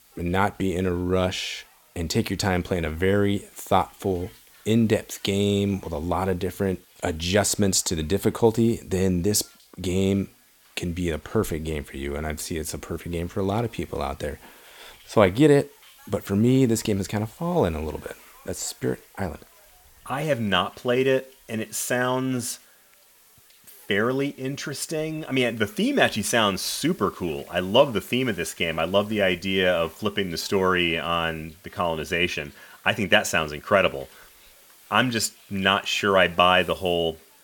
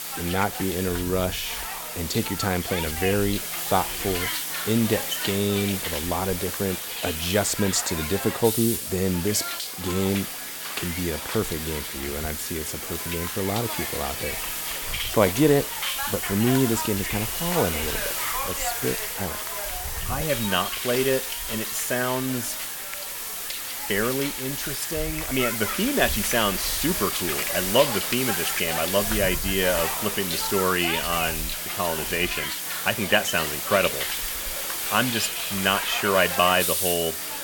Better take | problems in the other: first | hiss; loud; throughout; 1 dB below the speech; faint in the first

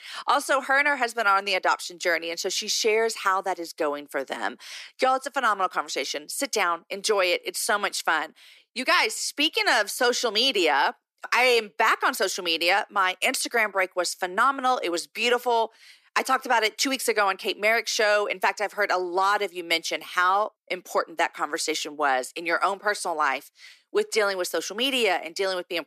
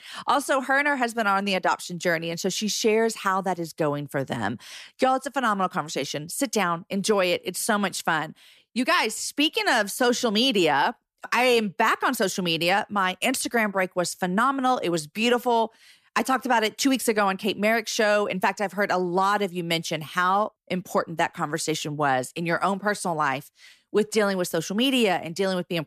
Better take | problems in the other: second | thin; somewhat; fading below 300 Hz

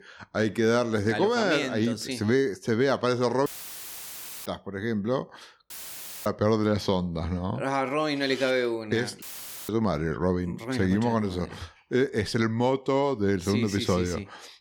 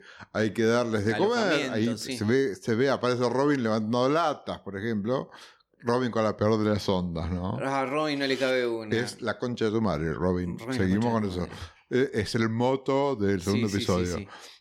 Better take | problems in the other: second | audio cutting out; filled with static; at 3.5 s for 1 s, at 5.5 s for 0.5 s and at 9 s

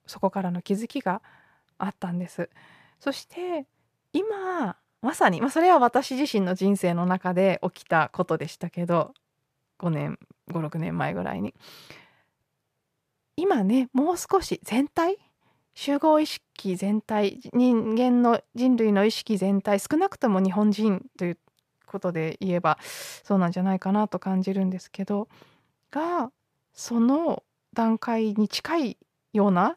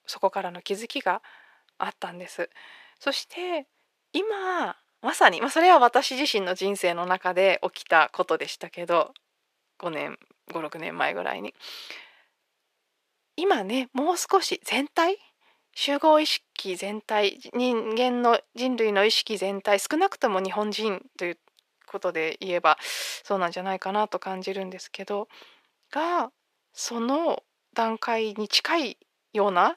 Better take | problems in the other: first | thin; somewhat; fading below 350 Hz

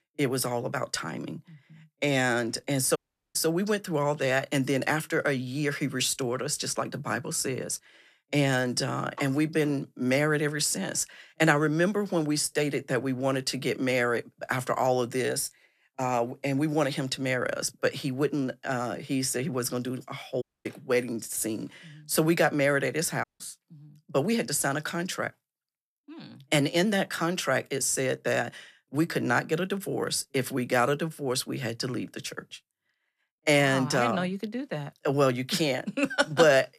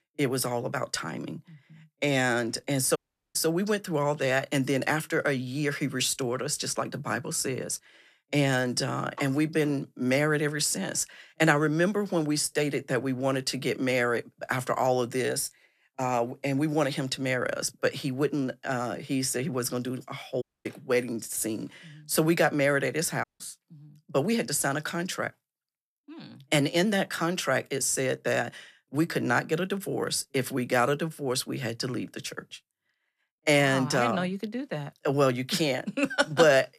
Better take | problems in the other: neither | audio cutting out; at 3 s, at 20 s and at 23 s; the same in both

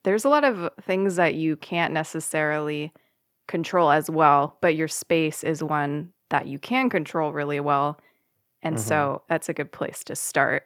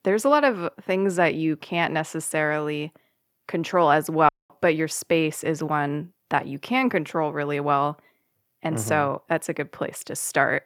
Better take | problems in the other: first | audio cutting out; at 4.5 s

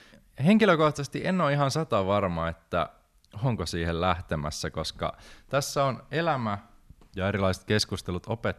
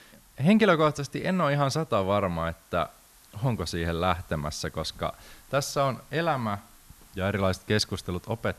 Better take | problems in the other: first | hiss; faint; throughout; 25 dB below the speech

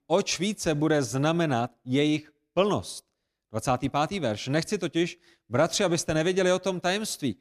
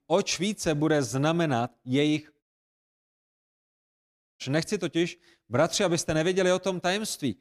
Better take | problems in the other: first | audio cutting out; at 2.5 s for 2 s

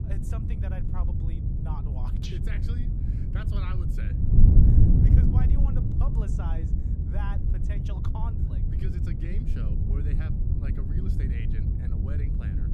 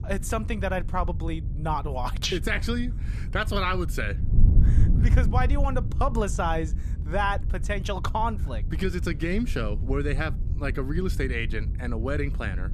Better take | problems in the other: second | wind noise on the microphone; heavy; 4 dB above the speech; occasional gusts in the second

